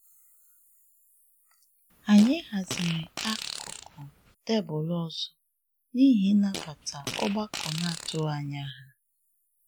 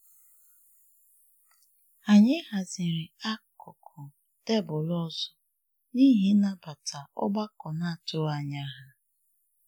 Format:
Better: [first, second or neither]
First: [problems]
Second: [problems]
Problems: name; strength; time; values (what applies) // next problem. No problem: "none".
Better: second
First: background sound (Fart); 10 dB below the speech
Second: none